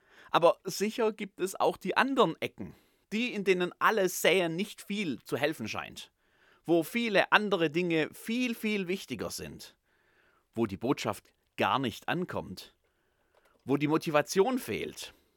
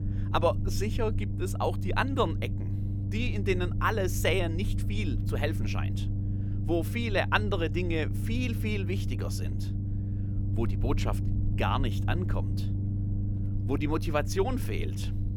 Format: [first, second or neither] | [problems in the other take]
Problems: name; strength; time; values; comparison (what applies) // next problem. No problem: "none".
first | low rumble; noticeable; throughout; 10 dB below the speech